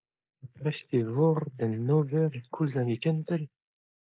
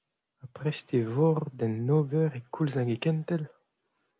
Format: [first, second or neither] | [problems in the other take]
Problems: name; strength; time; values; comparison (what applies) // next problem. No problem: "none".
second | noise reduction (neural mask model Resemble Enhance denoiser)